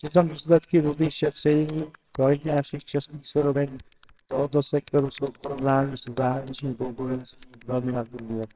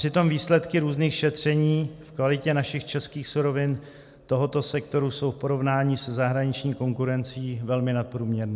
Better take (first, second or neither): second